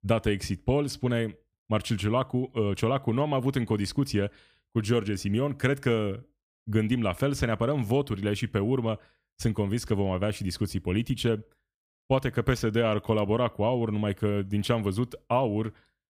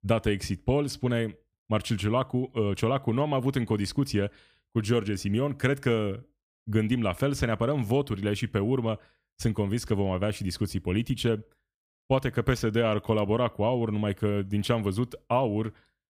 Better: neither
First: none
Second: none

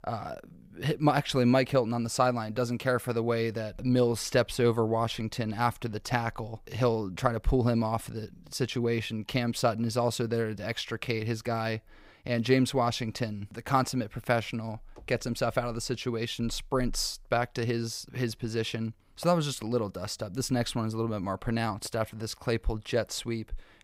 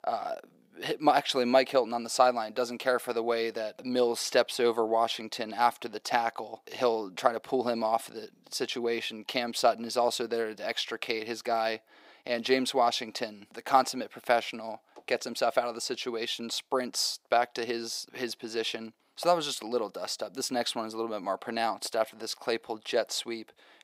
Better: first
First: none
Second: thin; somewhat; fading below 300 Hz

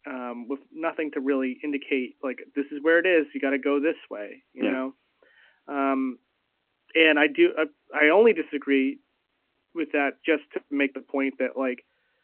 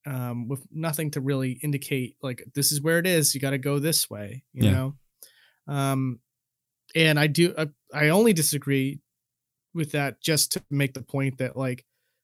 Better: second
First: phone-call audio; nothing above 3 kHz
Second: none

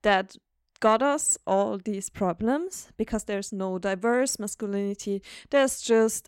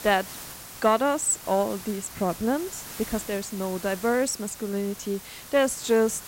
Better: first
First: none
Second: hiss; noticeable; throughout; 15 dB below the speech

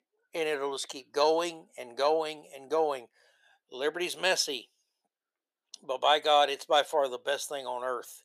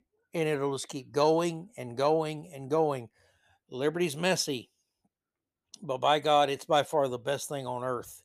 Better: second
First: thin; somewhat; fading below 500 Hz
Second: none

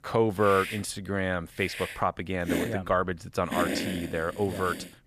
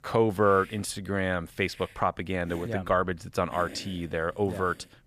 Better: second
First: hiss; loud; throughout; 6 dB below the speech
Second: hiss; faint; throughout; 20 dB below the speech

